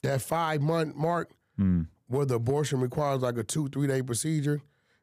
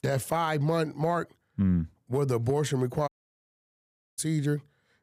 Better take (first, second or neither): first